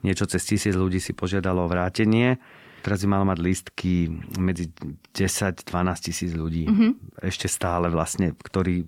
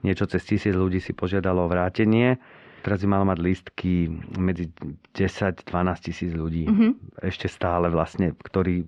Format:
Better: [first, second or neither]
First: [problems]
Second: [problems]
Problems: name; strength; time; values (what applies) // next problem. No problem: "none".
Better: first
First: none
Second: muffled; very; fading above 3.5 kHz